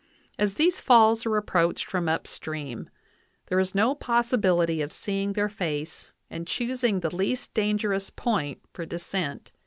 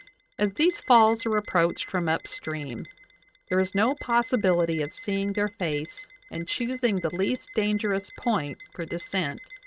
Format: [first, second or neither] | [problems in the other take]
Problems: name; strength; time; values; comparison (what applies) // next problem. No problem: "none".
first | noise reduction (neural mask model RNNoise)